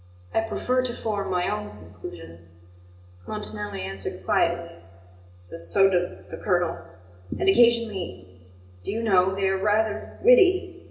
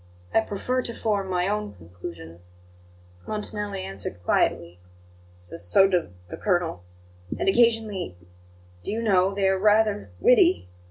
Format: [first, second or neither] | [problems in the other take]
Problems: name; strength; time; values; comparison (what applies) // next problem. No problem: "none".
second | room echo; dies away in 1.6 s